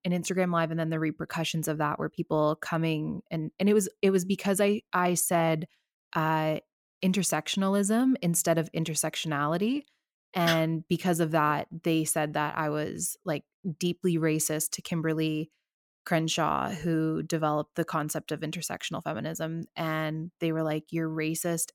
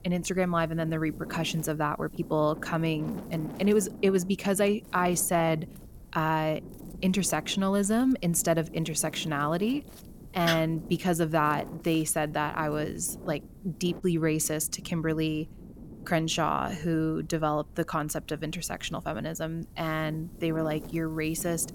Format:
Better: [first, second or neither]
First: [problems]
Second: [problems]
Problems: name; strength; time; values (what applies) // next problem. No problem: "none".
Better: first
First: none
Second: wind noise on the microphone; occasional gusts; 20 dB below the speech